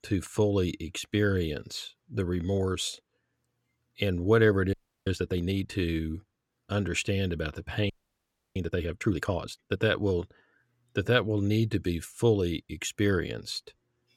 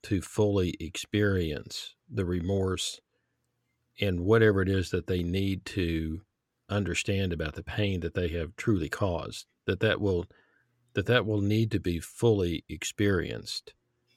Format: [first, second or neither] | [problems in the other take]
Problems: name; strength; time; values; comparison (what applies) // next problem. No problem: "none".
second | audio freezing; at 4.5 s and at 8 s for 0.5 s